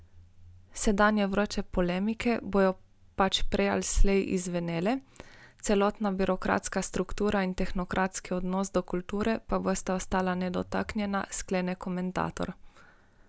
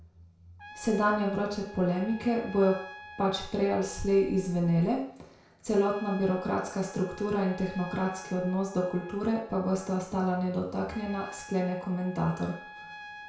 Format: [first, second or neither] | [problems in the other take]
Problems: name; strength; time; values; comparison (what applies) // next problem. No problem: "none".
first | background sound (Trumpet); 18 dB below the speech // room echo; dies away in 0.5 s